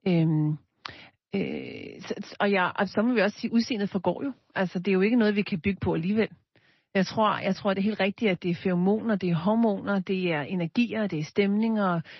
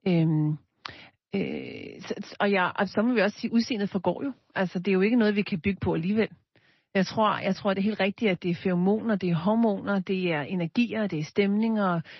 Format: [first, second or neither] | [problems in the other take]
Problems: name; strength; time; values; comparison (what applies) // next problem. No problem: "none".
neither | garbled, watery; slightly; nothing above 6 kHz; the same in both